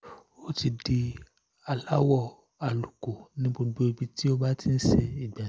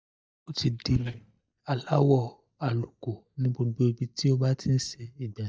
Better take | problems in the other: first | noise reduction (neural mask model DeepFilterNet 3)

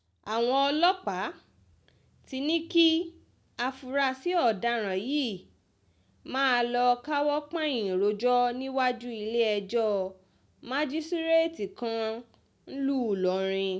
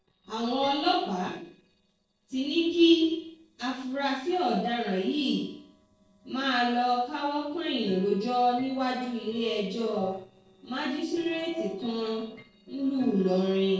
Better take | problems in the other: first | noise reduction (neural separator model SepFormer DNS4)

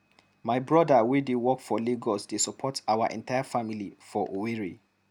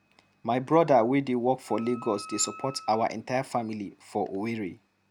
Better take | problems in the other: first | background sound (Wind instrument, woodwind instrument); 19 dB below the speech

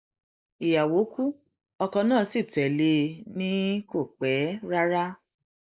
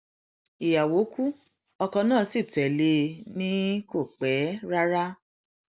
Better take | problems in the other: second | noise reduction (neural mask model Resemble Enhance denoiser)

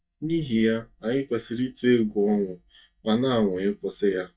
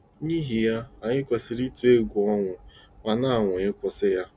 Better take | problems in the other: second | noise reduction (neural mask model DeepFilterNet 3)

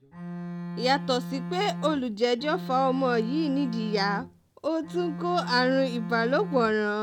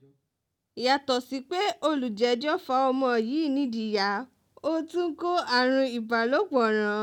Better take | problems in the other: second | background sound (Bowed string instrument); 8 dB below the speech

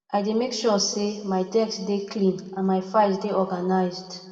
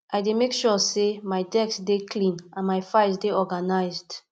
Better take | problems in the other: second | room echo; dies away in 1.2 s

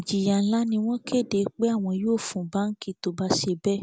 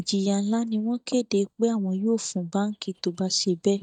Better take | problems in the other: first | noise reduction (neural mask model DeepFilterNet 3)

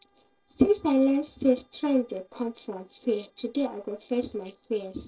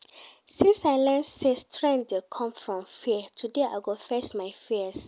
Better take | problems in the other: second | noise reduction (neural separator model SepFormer DNS4)

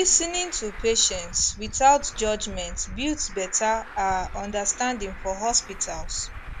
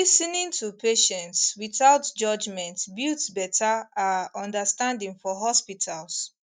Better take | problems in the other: second | background sound (Traffic noise, roadway noise); 11 dB below the speech

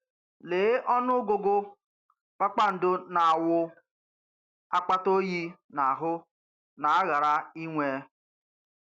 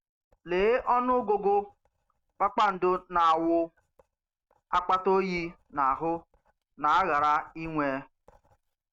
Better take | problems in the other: first | noise reduction (neural mask model RNNoise)

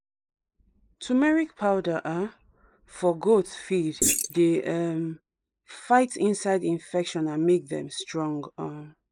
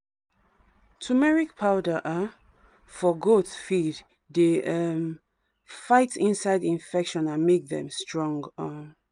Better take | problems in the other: second | noise reduction (neural mask model Resemble Enhance denoiser)

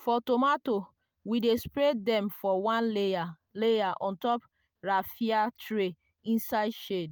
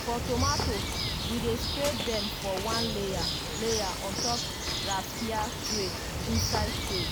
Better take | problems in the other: first | background sound (Bird); 2 dB above the speech

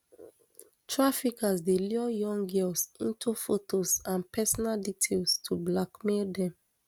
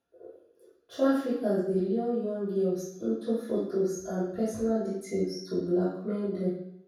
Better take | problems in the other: first | room echo; dies away in 0.7 s

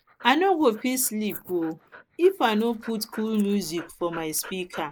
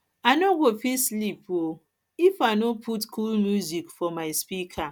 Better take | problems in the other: second | noise reduction (neural mask model Resemble Enhance denoiser)

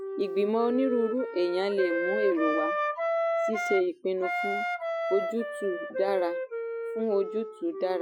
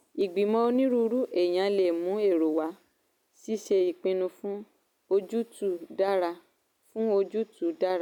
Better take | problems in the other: second | noise reduction (classical method Wiener filter)

